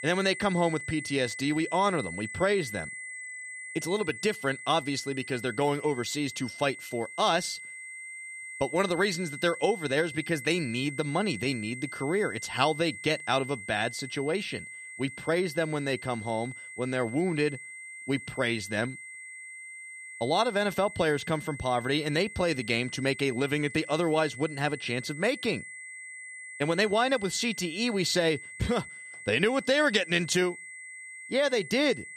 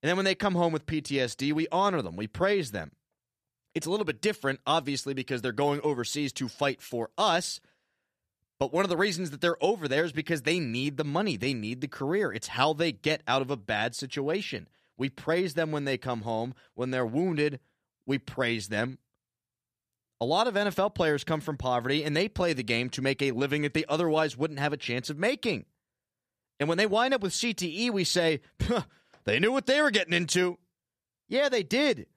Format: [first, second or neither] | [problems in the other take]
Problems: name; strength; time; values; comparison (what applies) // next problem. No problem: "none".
second | high-pitched whine; noticeable; throughout; 2 kHz, 10 dB below the speech